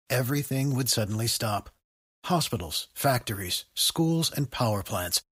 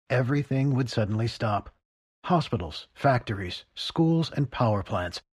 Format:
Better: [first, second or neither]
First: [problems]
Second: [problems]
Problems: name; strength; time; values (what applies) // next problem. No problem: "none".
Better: first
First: none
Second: muffled; slightly; fading above 2.5 kHz